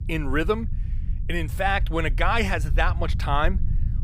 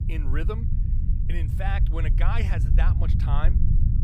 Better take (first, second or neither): first